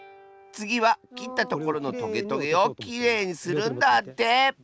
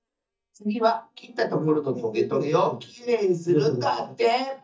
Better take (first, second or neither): first